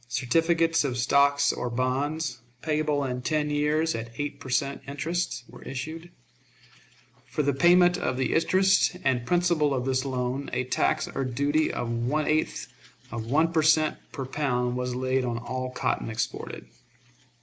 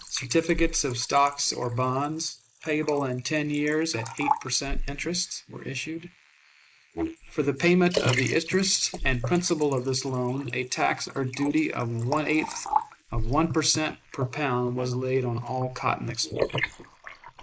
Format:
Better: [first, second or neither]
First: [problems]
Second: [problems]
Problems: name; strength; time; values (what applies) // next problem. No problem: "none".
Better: first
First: none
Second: noise reduction (neural mask model Resemble Enhance denoiser)